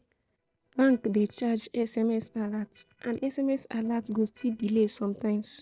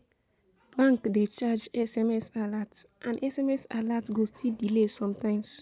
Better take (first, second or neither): second